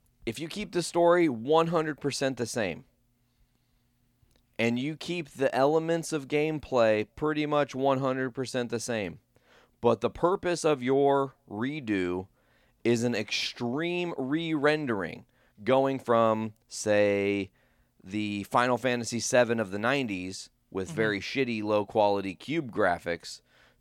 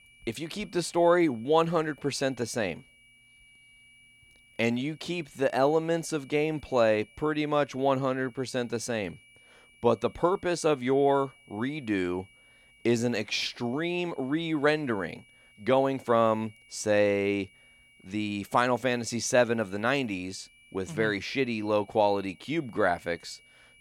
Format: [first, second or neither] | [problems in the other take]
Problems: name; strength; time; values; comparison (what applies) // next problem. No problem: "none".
first | high-pitched whine; faint; throughout; 2.5 kHz, 30 dB below the speech